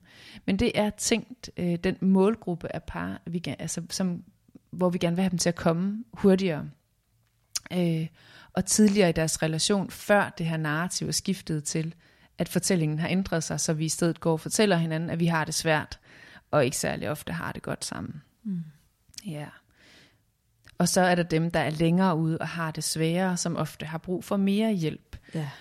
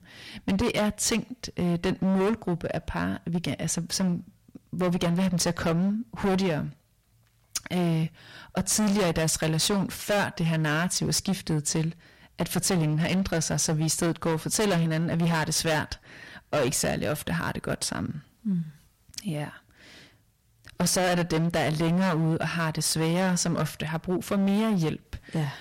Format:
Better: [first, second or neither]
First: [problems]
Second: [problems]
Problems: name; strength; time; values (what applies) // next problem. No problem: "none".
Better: first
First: none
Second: distortion; heavy; 17% of the sound clipped